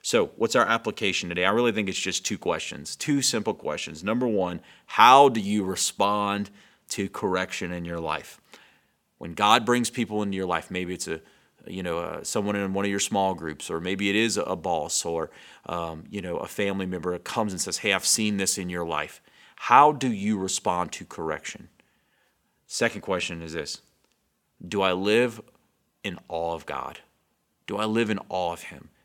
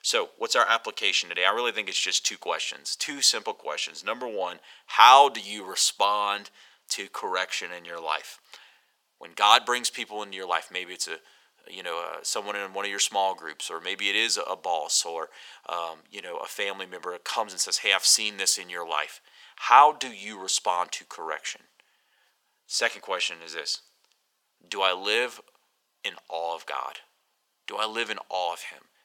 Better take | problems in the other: first | thin; very; fading below 750 Hz

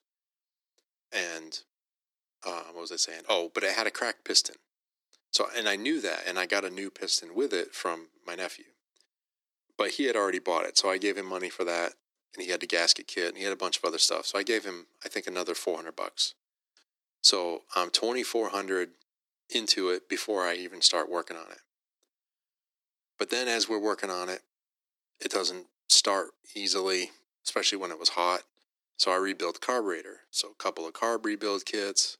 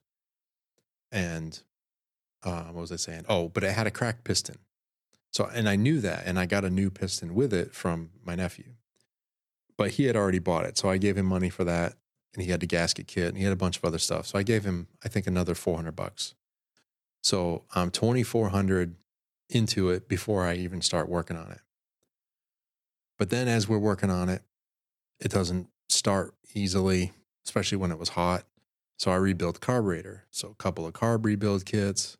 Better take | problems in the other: second | thin; very; fading below 300 Hz

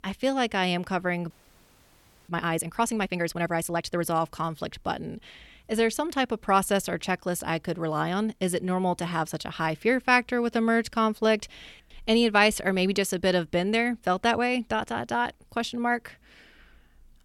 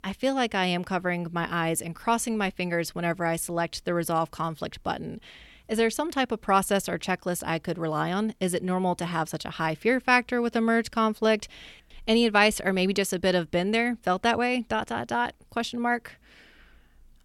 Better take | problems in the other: second | audio freezing; at 1.5 s for 1 s

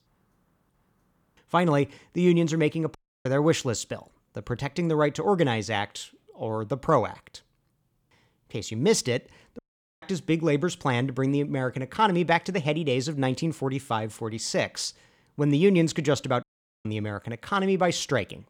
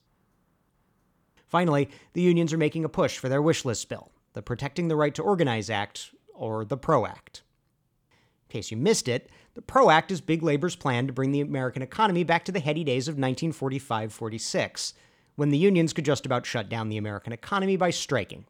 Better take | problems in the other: second | audio cutting out; at 3 s, at 9.5 s and at 16 s

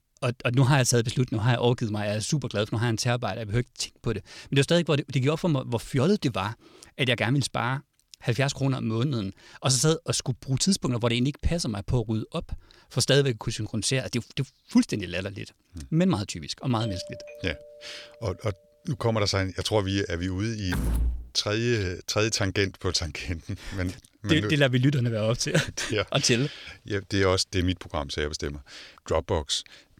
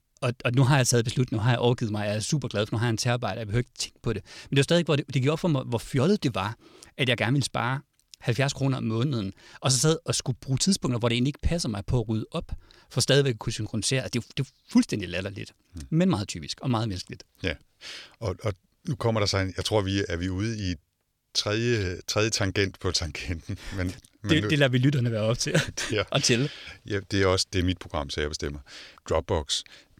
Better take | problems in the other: second | doorbell; faint; from 17 to 18 s; peak 10 dB below the speech // door banging; noticeable; at 21 s; peak 1 dB below the speech

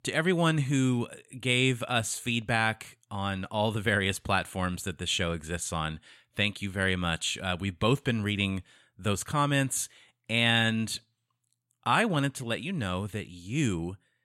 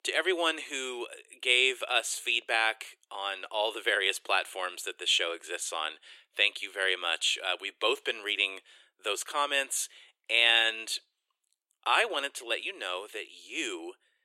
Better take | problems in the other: first | thin; very; fading below 350 Hz

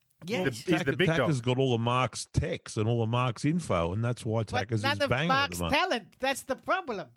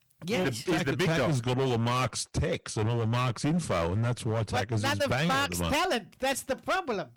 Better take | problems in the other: first | distortion; heavy; 18% of the sound clipped

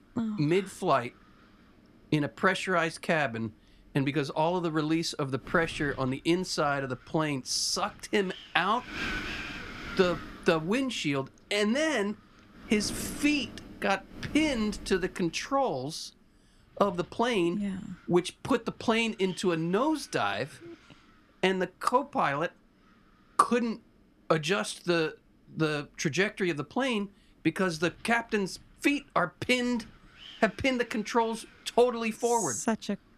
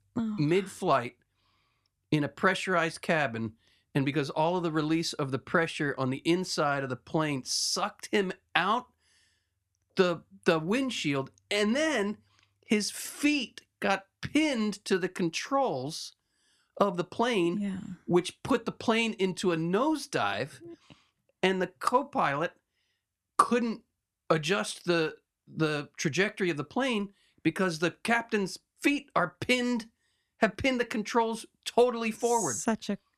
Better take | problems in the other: second | wind noise on the microphone; occasional gusts; 15 dB below the speech

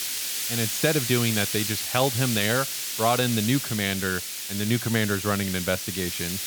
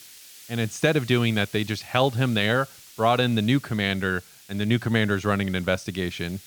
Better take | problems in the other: second | hiss; loud; throughout; 2 dB below the speech; faint in the second

